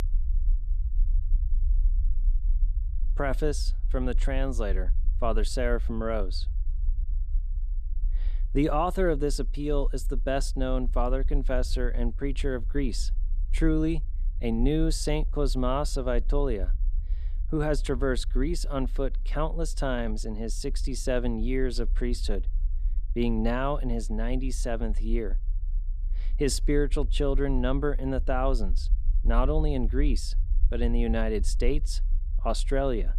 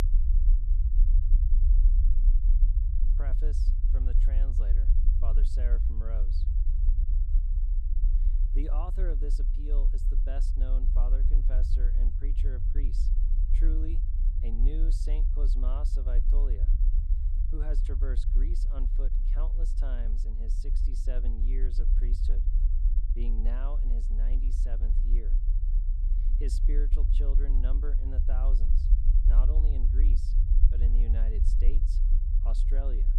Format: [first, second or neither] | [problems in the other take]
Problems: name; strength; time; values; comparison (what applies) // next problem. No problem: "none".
first | low rumble; loud; throughout; 4 dB below the speech; faint in the first